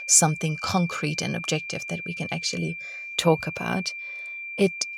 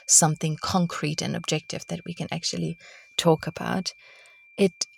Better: second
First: high-pitched whine; loud; throughout; 2.5 kHz, 8 dB below the speech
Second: high-pitched whine; faint; throughout; 2.5 kHz, 25 dB below the speech

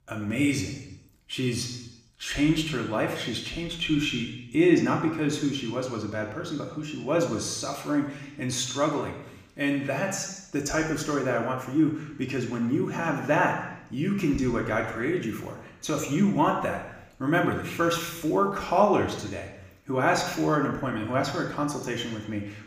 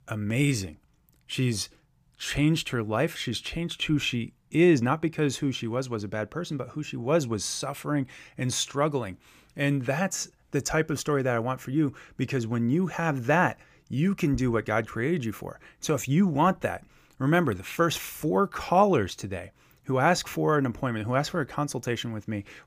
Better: second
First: room echo; noticeable; dies away in 0.9 s // off-mic speech; somewhat distant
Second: none

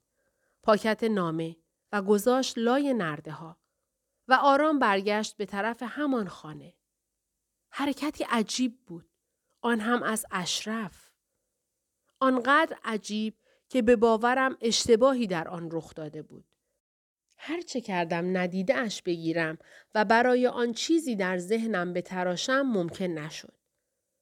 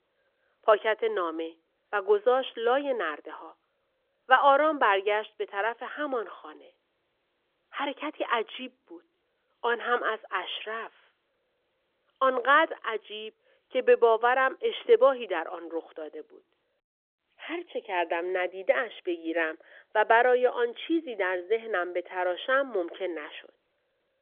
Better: first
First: none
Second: phone-call audio; nothing above 3.5 kHz

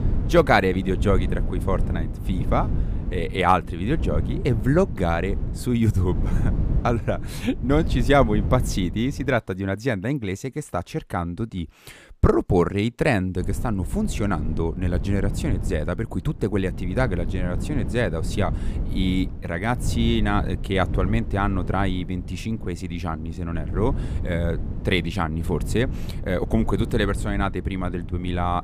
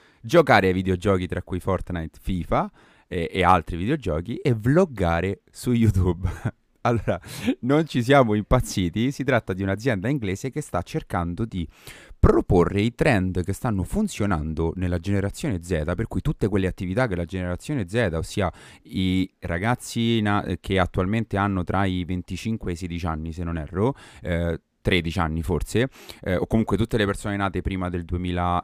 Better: second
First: wind noise on the microphone; occasional gusts; until 9.5 s and from 13 s on; 15 dB below the speech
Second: none

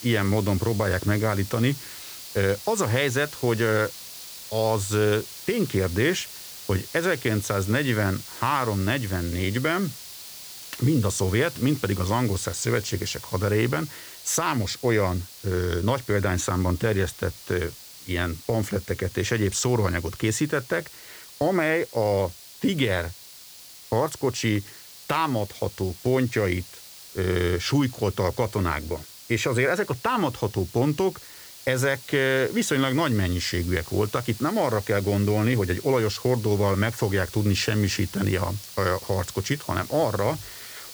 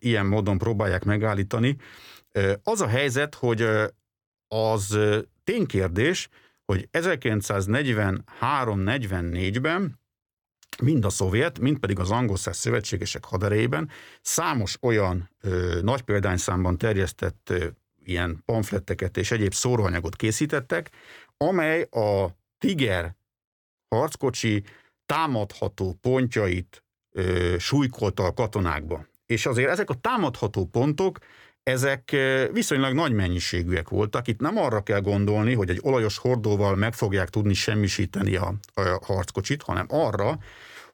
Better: second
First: hiss; noticeable; throughout; 15 dB below the speech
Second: none

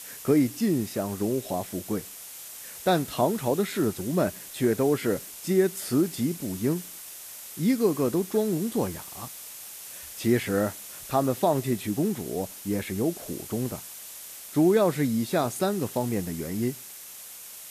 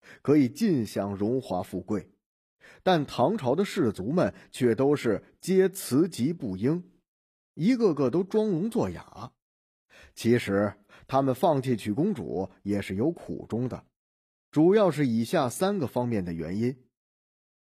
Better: second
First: hiss; noticeable; throughout; 10 dB below the speech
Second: none

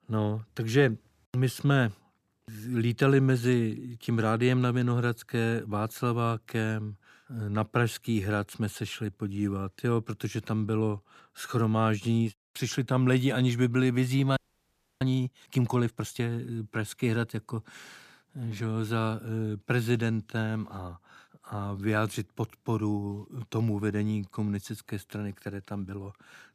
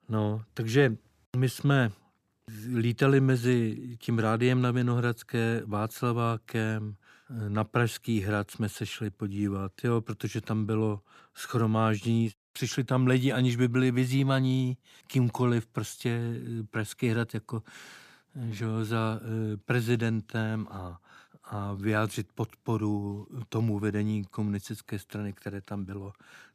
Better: second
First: audio freezing; at 14 s for 0.5 s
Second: none

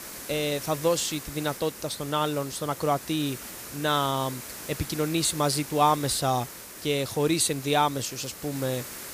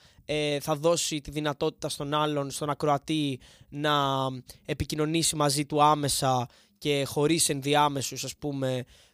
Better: second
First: hiss; noticeable; throughout; 10 dB below the speech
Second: none

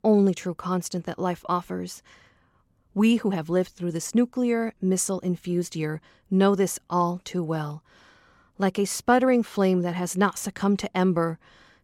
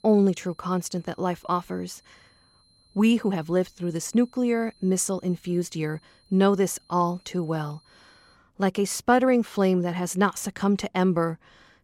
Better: first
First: none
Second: high-pitched whine; faint; until 8.5 s; 4 kHz, 35 dB below the speech

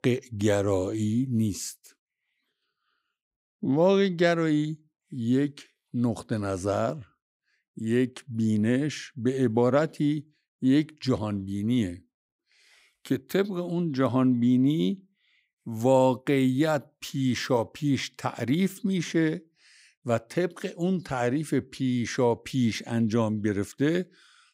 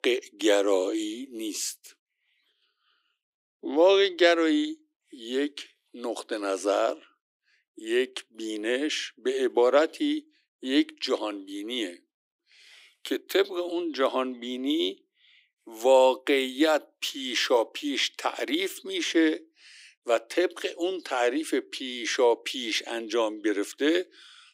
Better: first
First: none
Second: thin; somewhat; fading below 300 Hz

